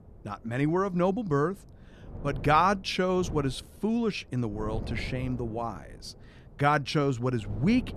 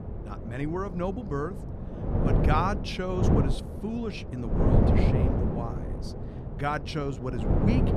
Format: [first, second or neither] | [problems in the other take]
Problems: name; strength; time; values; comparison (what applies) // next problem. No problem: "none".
first | wind noise on the microphone; heavy; 2 dB below the speech; occasional gusts in the first